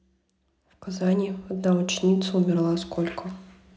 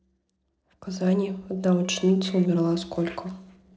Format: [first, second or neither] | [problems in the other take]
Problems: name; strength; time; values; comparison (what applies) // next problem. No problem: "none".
first | noise reduction (neural separator model SepFormer DNS4)